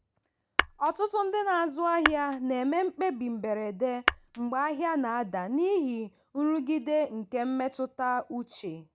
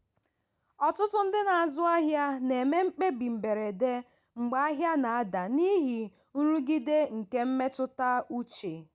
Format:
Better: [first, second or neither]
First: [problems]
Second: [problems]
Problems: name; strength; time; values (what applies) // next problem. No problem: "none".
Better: second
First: background sound (Tap / Glass); 2 dB below the speech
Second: none